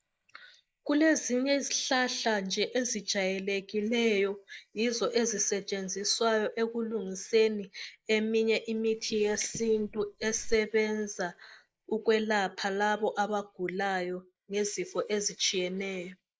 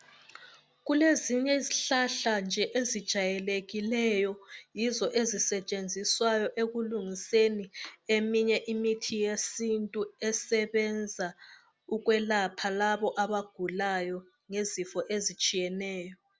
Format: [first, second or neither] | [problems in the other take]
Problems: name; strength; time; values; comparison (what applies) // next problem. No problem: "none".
second | noise reduction (neural mask model Resemble Enhance denoiser)